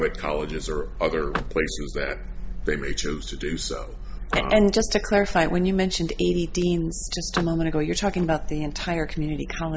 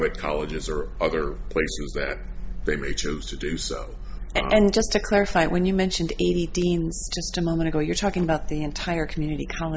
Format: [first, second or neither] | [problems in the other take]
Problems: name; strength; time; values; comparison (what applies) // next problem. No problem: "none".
second | background sound (Vehicle); 12 dB below the speech